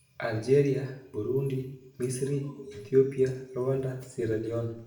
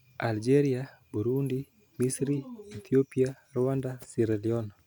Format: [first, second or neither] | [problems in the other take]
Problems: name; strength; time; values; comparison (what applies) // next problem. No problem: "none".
second | room echo; dies away in 0.6 s